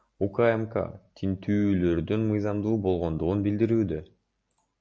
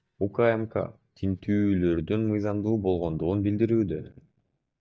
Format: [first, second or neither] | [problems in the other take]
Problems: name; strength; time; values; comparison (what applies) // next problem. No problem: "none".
first | noise reduction (neural mask model DeepFilterNet 3)